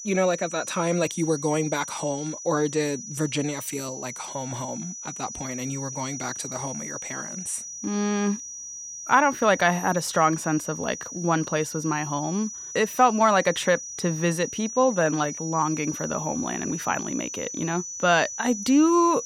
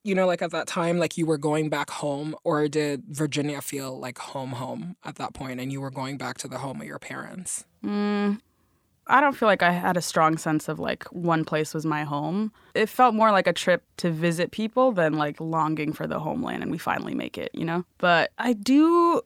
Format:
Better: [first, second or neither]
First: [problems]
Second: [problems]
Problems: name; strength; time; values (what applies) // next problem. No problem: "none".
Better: second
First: high-pitched whine; loud; throughout; 6 kHz, 9 dB below the speech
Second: none